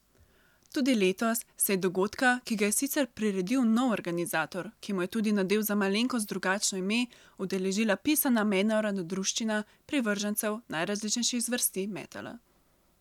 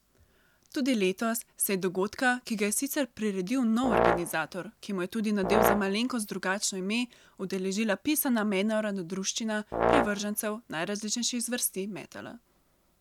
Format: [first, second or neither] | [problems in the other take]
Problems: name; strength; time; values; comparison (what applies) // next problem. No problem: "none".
first | background sound (Brass instrument); 1 dB above the speech